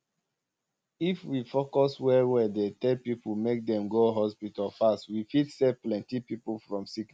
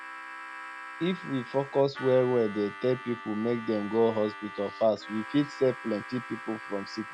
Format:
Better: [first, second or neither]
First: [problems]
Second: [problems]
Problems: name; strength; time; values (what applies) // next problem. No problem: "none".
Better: first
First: none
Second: background sound (Harmonica); 13 dB below the speech